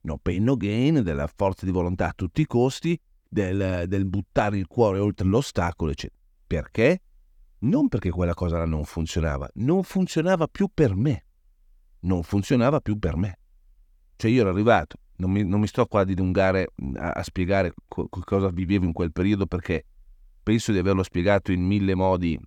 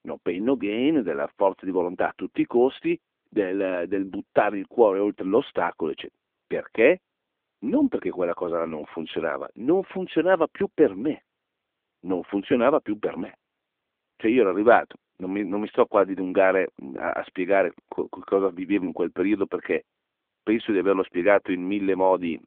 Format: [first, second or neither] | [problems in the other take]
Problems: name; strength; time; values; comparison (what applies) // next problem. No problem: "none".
first | phone-call audio; nothing above 3.5 kHz